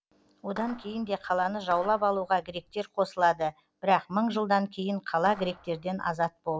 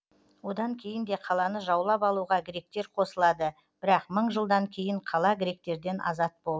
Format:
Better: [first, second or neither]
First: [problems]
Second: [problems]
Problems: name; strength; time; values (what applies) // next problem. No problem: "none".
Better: second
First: background sound (Clapping); 19 dB below the speech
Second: none